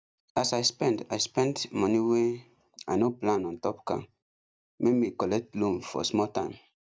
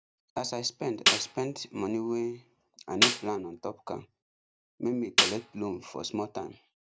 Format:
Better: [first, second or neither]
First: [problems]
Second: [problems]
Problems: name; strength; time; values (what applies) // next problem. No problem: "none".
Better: first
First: none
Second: background sound (Snare drum); 4 dB above the speech